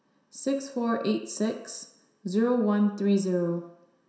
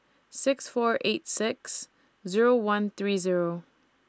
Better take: second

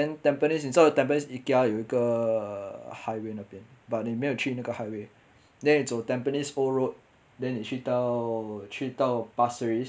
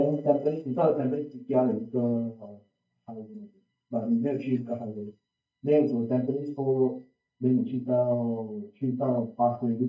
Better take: first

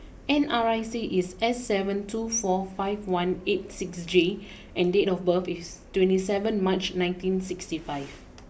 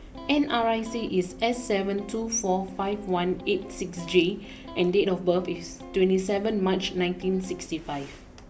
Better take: first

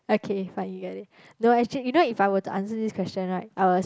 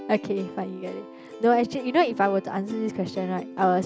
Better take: first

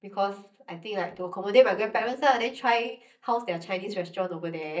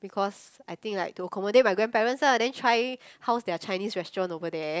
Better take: second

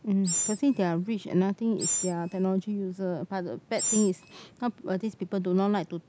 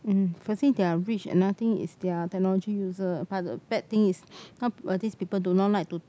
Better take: second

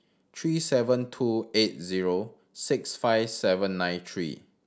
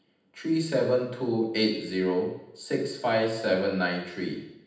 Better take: first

